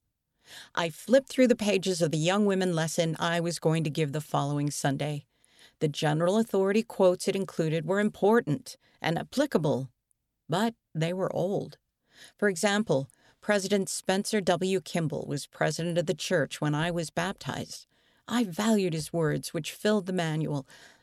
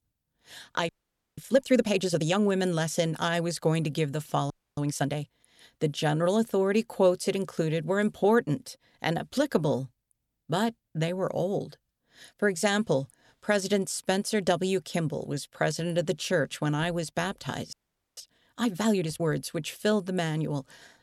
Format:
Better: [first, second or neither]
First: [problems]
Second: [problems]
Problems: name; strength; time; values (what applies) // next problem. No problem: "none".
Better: first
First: none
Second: audio freezing; at 1 s, at 4.5 s and at 18 s